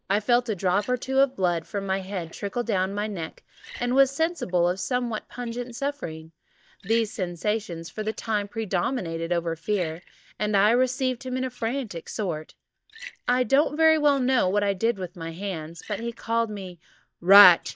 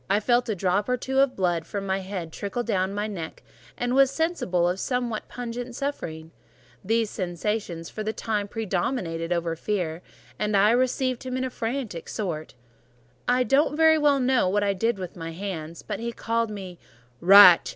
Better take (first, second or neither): second